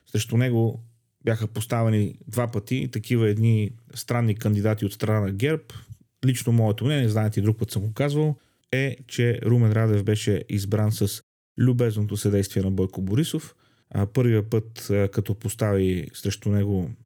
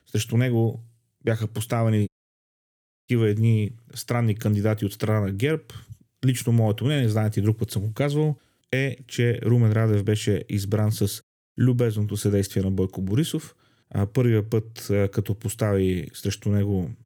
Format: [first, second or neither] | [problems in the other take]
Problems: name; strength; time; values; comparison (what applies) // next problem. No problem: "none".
first | audio cutting out; at 2 s for 1 s